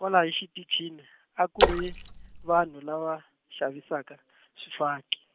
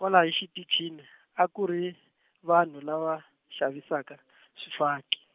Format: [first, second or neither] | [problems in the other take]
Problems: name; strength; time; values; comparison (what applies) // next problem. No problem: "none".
second | background sound (Splash, splatter); 2 dB above the speech